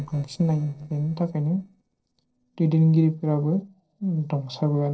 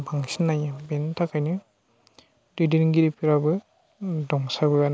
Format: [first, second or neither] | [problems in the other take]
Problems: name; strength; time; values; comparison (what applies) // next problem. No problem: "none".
second | noise reduction (neural separator model SepFormer DNS4)